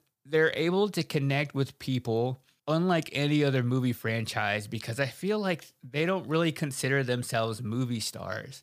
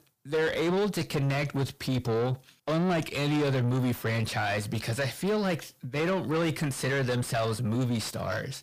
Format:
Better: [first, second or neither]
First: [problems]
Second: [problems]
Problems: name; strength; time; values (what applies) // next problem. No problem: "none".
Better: first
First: none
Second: distortion; heavy; 6 dB below the speech